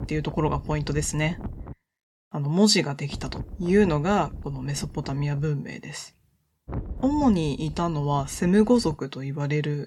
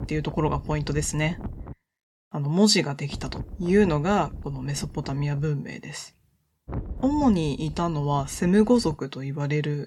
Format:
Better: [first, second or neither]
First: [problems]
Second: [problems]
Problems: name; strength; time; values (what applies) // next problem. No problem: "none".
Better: neither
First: wind noise on the microphone; occasional gusts; until 1.5 s, from 3 to 5.5 s and from 6.5 to 9 s; 20 dB below the speech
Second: wind noise on the microphone; occasional gusts; until 1.5 s, from 3 to 5.5 s and from 6.5 to 9 s; 20 dB below the speech